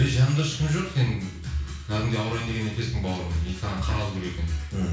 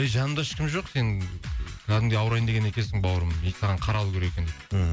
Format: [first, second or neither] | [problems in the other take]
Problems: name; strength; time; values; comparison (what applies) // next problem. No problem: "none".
second | room echo; dies away in 0.6 s